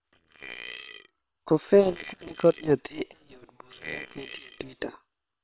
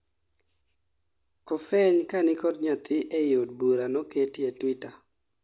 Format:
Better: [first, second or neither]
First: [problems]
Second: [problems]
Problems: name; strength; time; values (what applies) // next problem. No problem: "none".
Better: second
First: noise reduction (neural separator model SepFormer WHAM!)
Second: none